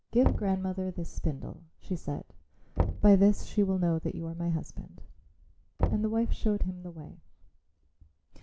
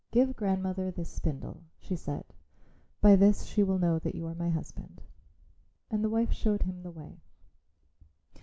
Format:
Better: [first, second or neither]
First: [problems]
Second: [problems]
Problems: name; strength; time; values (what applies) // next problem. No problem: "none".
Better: second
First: background sound (Knock / Wood); 7 dB below the speech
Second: none